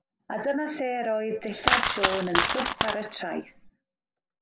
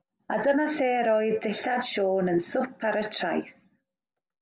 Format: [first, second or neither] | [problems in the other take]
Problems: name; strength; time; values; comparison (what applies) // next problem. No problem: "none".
second | background sound (Coin (dropping)); 3 dB above the speech